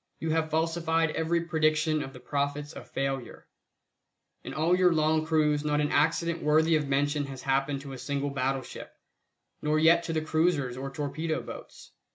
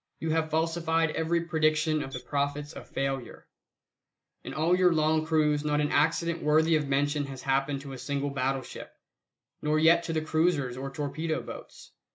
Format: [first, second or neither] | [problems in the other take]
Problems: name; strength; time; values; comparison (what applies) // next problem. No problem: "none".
first | noise reduction (neural mask model Resemble Enhance denoiser)